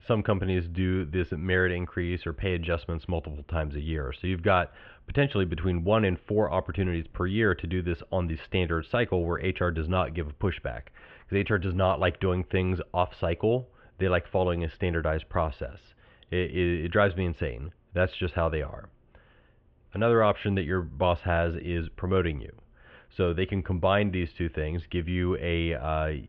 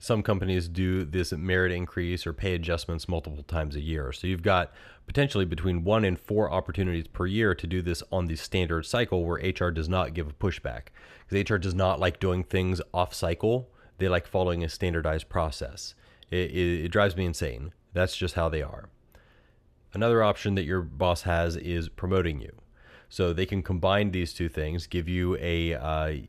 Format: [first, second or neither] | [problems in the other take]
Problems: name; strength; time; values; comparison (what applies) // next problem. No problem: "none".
second | muffled; very; fading above 3 kHz